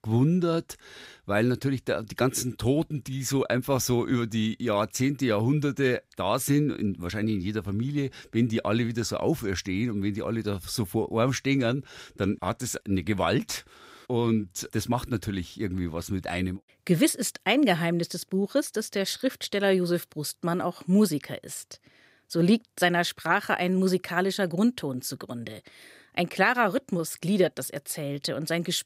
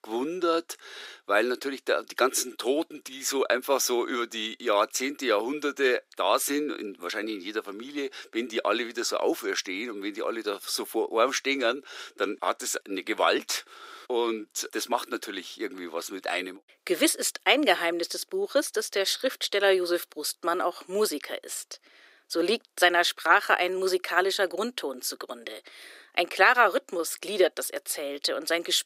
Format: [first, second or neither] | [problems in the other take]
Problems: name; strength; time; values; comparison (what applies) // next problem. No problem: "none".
first | thin; very; fading below 350 Hz